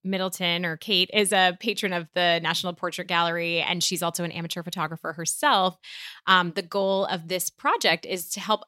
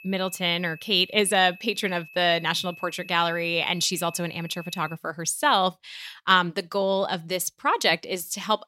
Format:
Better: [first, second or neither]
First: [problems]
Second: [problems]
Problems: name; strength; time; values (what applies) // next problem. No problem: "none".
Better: first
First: none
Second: high-pitched whine; noticeable; until 5 s; 2.5 kHz, 20 dB below the speech